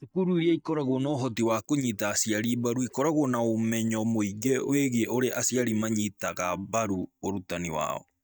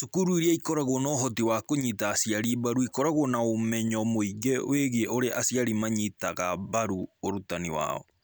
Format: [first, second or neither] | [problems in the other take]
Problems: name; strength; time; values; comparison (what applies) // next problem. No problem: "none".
second | noise reduction (neural mask model DeepFilterNet 3)